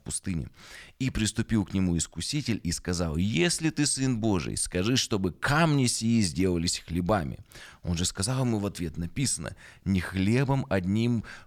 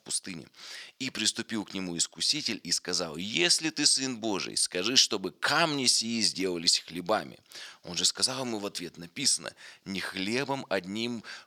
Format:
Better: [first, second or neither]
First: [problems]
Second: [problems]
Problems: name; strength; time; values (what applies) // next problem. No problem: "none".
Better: first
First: none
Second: thin; somewhat; fading below 350 Hz